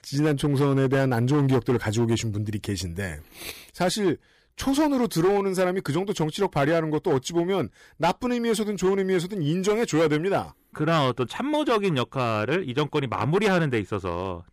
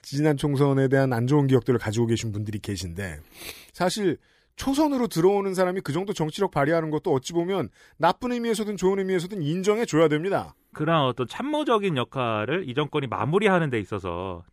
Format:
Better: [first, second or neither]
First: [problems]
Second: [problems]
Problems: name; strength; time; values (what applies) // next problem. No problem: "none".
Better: second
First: distortion; slight; 7% of the sound clipped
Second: none